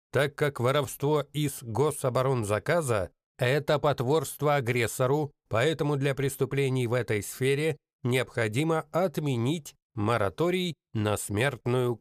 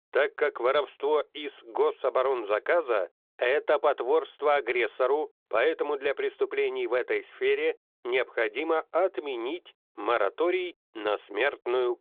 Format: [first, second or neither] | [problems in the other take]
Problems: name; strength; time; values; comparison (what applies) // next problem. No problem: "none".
first | phone-call audio; nothing above 3.5 kHz